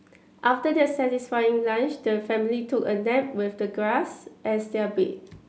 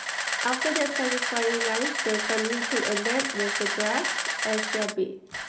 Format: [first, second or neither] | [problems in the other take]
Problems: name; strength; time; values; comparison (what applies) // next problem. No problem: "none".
first | background sound (Camera); 1 dB above the speech // room echo; dies away in 0.4 s